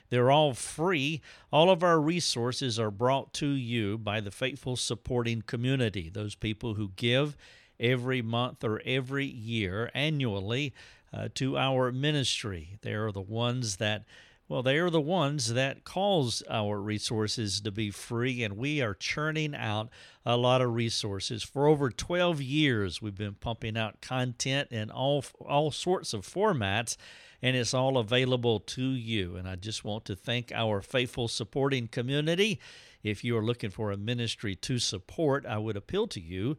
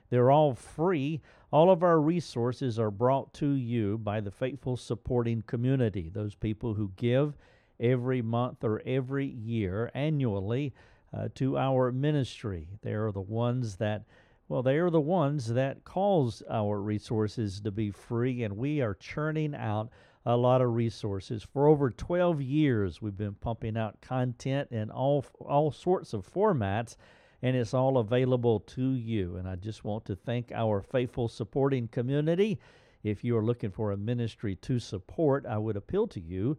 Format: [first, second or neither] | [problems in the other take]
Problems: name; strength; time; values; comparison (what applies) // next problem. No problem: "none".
first | muffled; very; fading above 1.5 kHz